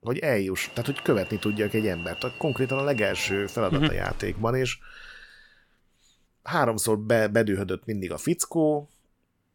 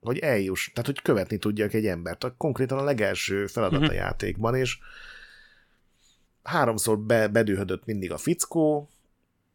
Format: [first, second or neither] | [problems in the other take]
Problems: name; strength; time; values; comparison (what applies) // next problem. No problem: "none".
second | alarm; noticeable; from 0.5 to 4.5 s; peak 6 dB below the speech